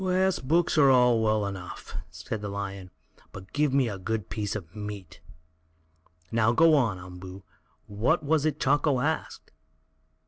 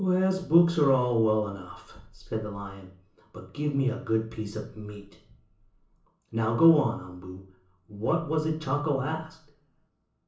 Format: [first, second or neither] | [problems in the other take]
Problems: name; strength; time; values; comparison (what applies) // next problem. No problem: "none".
first | room echo; dies away in 0.7 s